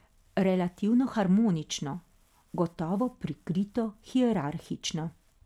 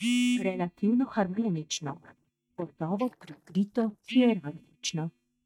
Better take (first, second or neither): first